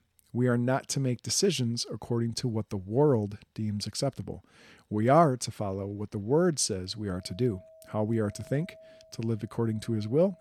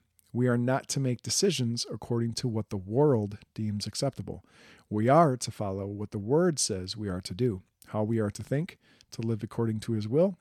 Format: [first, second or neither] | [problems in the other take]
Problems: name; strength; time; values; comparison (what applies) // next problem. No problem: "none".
second | household noises; faint; throughout; 25 dB below the speech